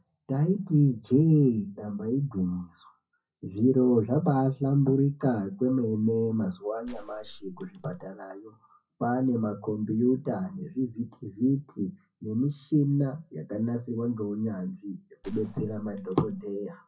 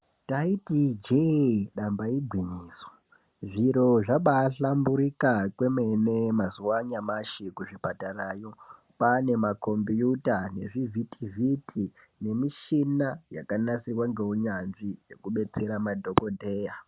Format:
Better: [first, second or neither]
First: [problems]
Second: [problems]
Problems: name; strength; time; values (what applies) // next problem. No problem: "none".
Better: second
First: noise reduction (classical method WPE with log-MMSE)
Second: none